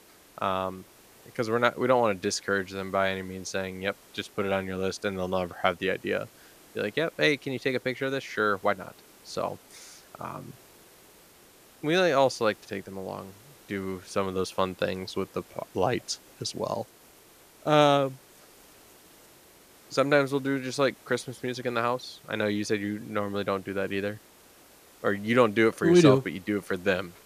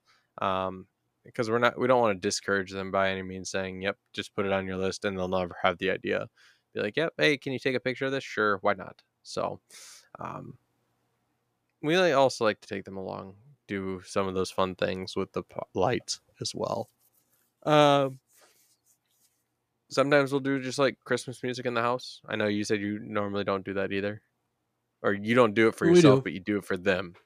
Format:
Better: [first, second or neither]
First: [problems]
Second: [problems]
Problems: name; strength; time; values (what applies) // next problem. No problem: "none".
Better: second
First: hiss; faint; throughout; 25 dB below the speech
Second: none